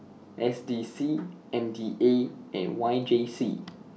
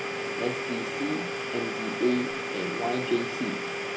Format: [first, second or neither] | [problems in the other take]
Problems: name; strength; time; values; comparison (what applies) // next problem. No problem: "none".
first | background sound (Domestic sounds, home sounds); 1 dB below the speech